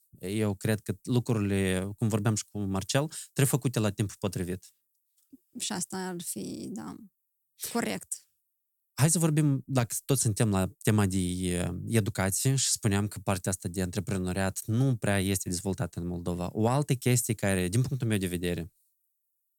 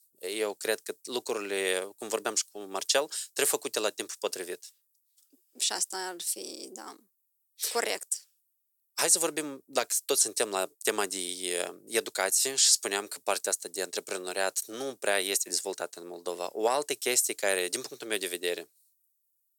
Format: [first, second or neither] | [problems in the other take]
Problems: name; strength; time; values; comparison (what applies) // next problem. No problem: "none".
first | thin; very; fading below 450 Hz